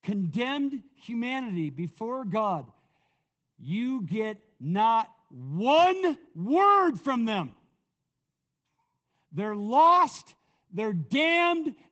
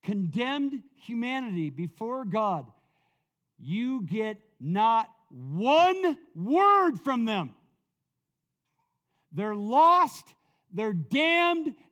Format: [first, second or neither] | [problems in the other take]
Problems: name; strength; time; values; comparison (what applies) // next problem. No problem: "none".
second | garbled, watery; badly; nothing above 8 kHz; slightly in the second